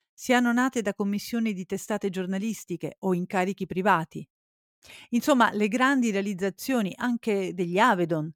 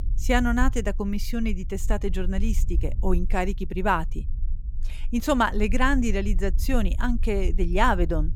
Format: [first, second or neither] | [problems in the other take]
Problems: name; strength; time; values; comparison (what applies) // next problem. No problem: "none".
first | low rumble; faint; throughout; 25 dB below the speech